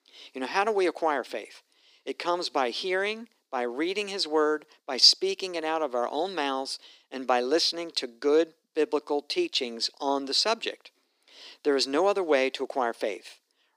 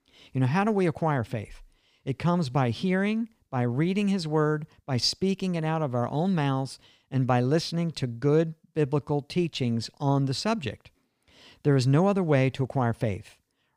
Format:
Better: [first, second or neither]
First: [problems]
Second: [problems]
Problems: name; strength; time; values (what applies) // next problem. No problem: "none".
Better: second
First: thin; very; fading below 300 Hz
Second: none